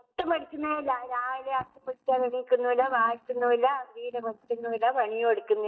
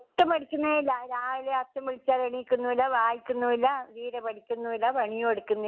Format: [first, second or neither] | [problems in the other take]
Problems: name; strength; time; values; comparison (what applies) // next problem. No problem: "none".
second | noise reduction (neural mask model DeepFilterNet 3)